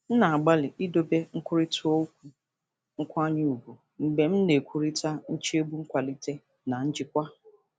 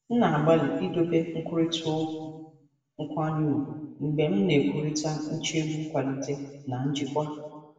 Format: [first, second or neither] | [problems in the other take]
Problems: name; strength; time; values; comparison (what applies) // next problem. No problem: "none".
first | room echo; dies away in 1.2 s